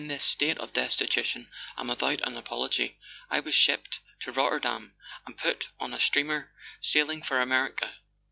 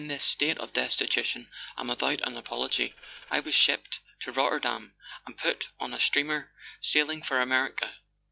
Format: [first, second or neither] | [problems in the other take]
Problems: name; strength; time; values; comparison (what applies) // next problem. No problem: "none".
first | noise reduction (neural separator model SepFormer DNS4)